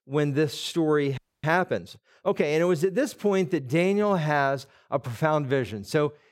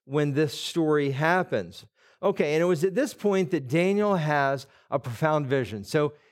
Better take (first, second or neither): second